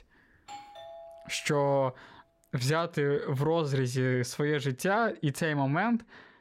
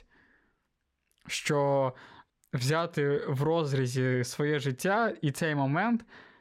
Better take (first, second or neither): second